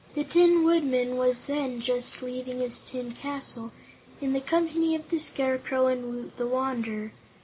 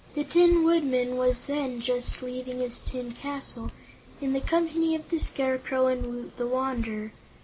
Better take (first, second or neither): first